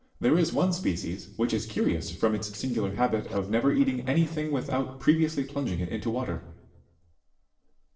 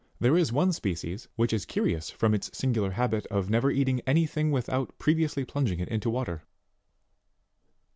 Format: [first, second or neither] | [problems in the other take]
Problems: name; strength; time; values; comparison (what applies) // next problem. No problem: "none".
second | noise reduction (neural separator model SepFormer DNS4)